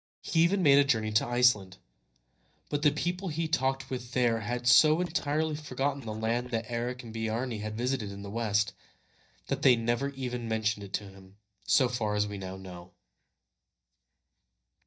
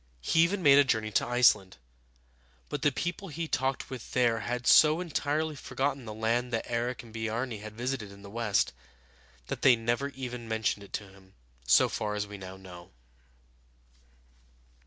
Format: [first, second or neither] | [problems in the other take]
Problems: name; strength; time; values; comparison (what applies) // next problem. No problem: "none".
second | noise reduction (neural mask model DeepFilterNet 3)